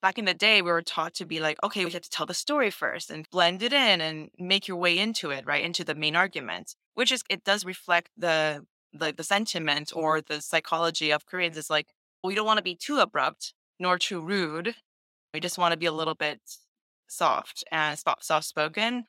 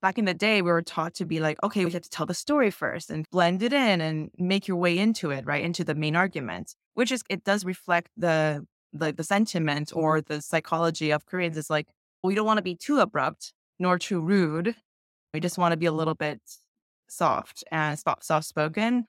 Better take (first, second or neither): second